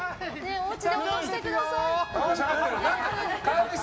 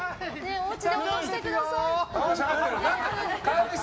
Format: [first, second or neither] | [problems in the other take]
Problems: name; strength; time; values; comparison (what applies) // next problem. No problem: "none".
second | background sound (Trumpet); 17 dB below the speech